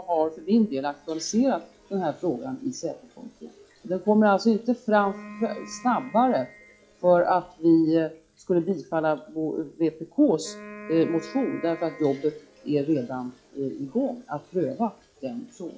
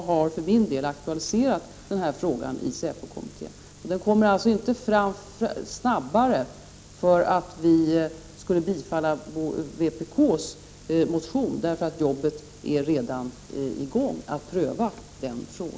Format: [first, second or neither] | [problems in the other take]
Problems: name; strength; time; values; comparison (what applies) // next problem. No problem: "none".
second | noise reduction (classical method log-MMSE)